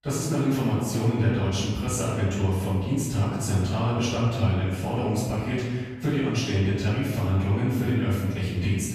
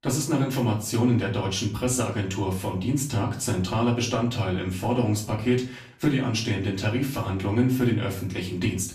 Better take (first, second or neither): second